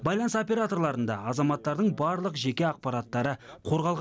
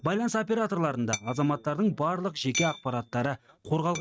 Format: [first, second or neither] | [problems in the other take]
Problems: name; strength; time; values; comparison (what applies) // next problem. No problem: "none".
first | noise reduction (neural mask model RNNoise)